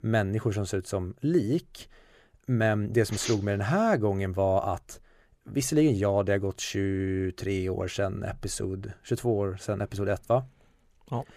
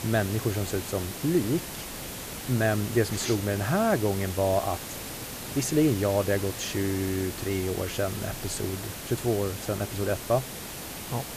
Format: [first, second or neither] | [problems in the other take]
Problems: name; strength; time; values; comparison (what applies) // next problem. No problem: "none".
first | hiss; loud; throughout; 8 dB below the speech